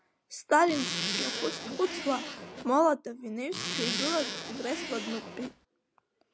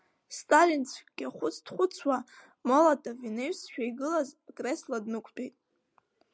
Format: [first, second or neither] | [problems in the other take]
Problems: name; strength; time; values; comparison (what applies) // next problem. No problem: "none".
second | background sound (Zipper (clothing)); 4 dB below the speech